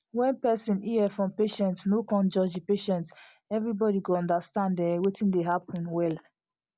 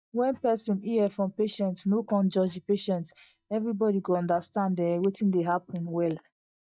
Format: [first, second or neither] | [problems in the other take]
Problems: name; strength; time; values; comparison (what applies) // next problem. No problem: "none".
first | noise reduction (neural mask model DeepFilterNet 3)